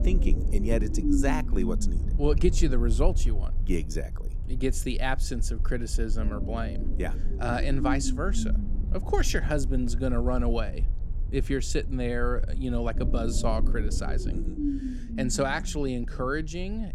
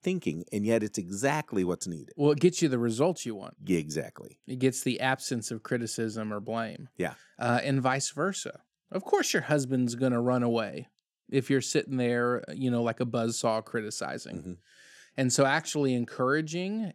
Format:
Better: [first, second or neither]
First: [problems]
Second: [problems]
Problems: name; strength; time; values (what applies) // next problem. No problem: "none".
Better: second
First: low rumble; loud; throughout; 8 dB below the speech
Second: none